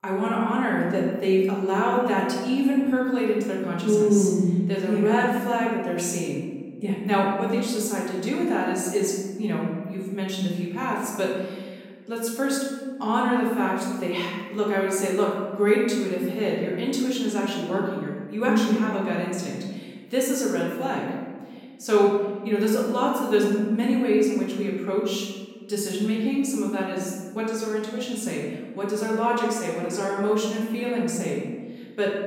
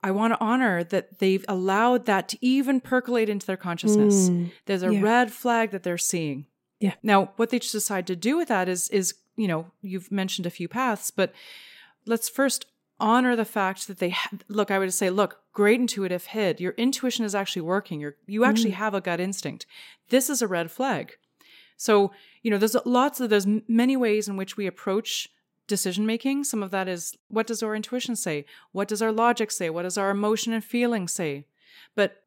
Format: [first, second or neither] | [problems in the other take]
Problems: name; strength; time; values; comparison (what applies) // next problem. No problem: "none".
second | room echo; noticeable; dies away in 1.4 s // off-mic speech; far